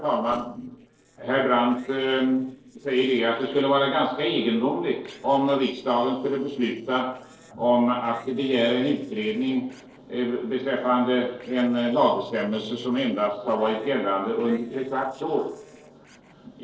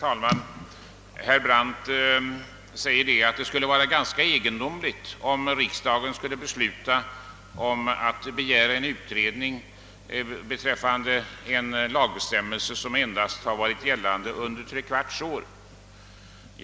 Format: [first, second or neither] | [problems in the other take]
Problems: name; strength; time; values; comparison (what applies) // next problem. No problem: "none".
second | noise reduction (neural separator model SepFormer DNS4)